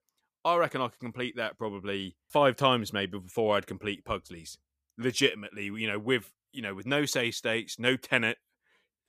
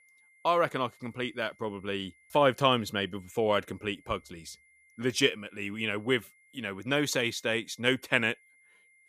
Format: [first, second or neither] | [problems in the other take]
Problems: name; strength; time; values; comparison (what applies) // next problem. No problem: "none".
first | high-pitched whine; faint; throughout; 2 kHz, 30 dB below the speech